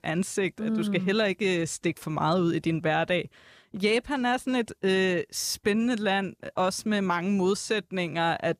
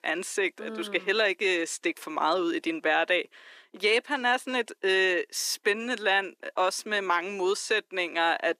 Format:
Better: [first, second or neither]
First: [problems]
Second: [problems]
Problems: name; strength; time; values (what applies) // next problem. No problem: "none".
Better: first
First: none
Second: thin; very; fading below 300 Hz